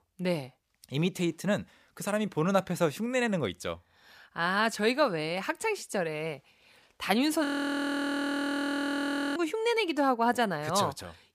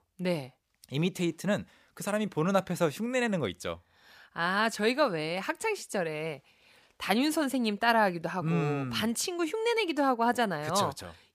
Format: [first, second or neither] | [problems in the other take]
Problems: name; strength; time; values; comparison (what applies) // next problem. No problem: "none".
second | audio freezing; at 7.5 s for 2 s